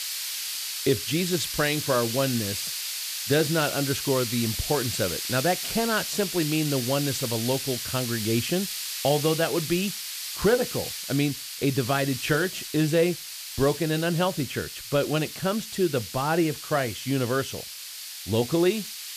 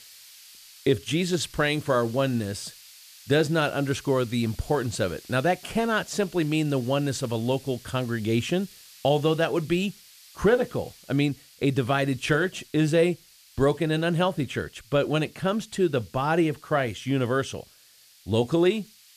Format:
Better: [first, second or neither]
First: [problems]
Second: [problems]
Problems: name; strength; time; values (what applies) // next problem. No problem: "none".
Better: second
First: hiss; loud; throughout; 5 dB below the speech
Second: hiss; faint; throughout; 20 dB below the speech